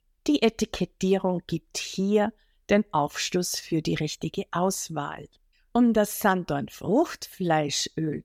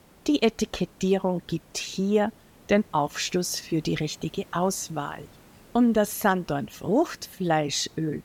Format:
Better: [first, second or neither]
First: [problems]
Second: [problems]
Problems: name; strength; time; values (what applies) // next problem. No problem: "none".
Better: first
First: none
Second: hiss; faint; throughout; 25 dB below the speech